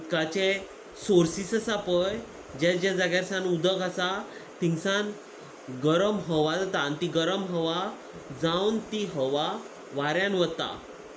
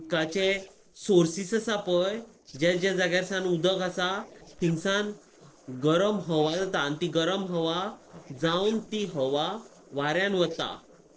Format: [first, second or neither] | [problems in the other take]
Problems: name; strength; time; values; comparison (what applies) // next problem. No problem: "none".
first | noise reduction (neural separator model SepFormer DNS4)